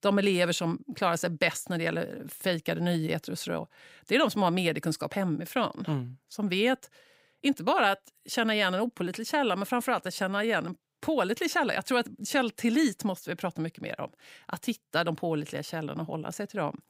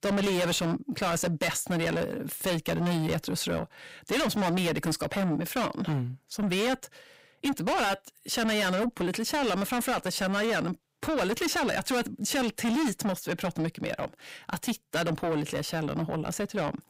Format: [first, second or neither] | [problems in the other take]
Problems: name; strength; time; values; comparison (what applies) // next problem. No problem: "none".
first | distortion; heavy; 6 dB below the speech